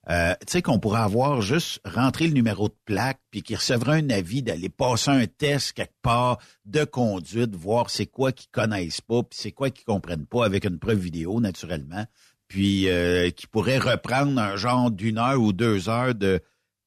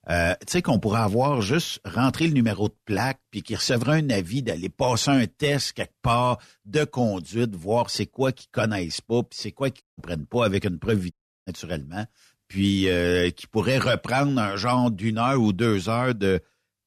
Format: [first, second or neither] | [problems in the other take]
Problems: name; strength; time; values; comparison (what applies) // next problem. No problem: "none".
first | audio cutting out; at 10 s and at 11 s